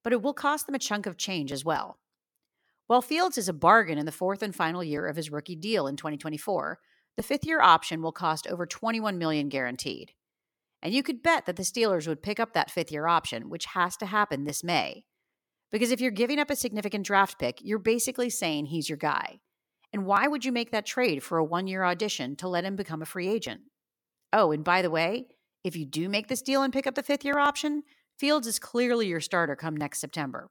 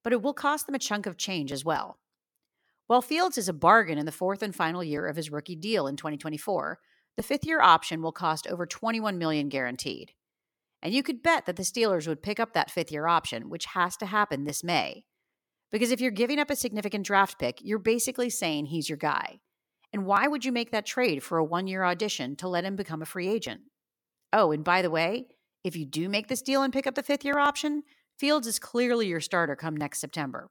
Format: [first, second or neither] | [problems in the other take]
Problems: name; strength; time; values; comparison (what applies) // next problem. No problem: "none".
neither | none